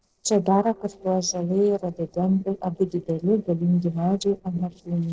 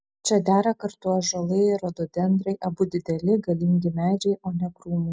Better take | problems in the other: second | noise reduction (neural separator model SepFormer DNS4)

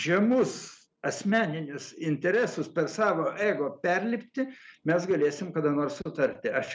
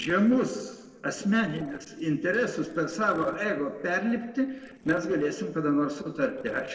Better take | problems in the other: first | noise reduction (neural separator model SepFormer DNS4)

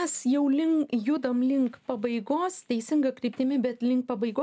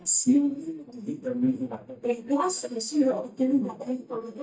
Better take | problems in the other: first | noise reduction (neural mask model DeepFilterNet 3)

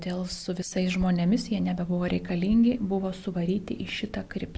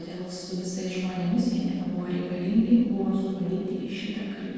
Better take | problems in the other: first | noise reduction (neural separator model SepFormer DNS4)

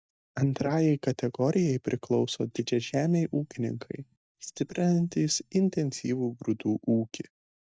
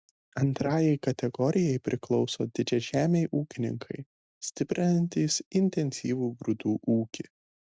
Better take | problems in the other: second | noise reduction (neural mask model DeepFilterNet 3)

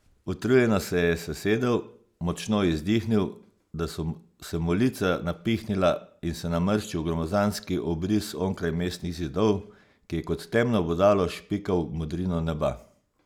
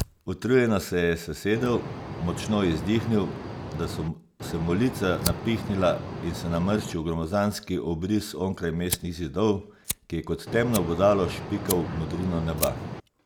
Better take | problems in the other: first | background sound (Fire + Boat, Water vehicle); 9 dB below the speech

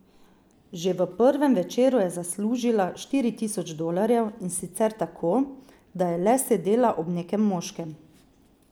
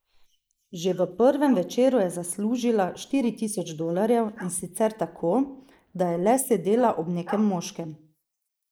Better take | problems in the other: first | noise reduction (neural mask model Resemble Enhance denoiser)

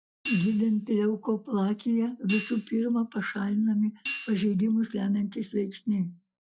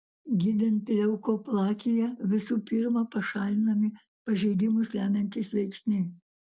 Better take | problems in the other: second | noise reduction (classical method log-MMSE)

